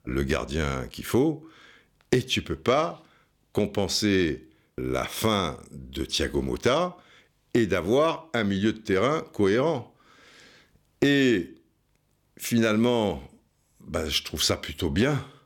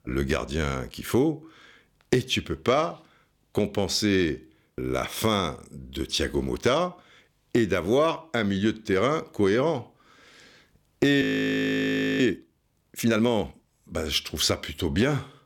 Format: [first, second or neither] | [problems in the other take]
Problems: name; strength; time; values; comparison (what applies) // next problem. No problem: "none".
first | audio freezing; at 11 s for 1 s